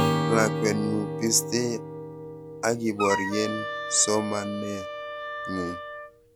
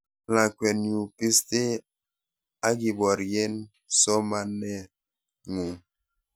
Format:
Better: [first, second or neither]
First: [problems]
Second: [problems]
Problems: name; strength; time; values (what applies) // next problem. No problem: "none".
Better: second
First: background sound (Acoustic guitar / Strum + Wind instrument, woodwind instrument); 3 dB below the speech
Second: none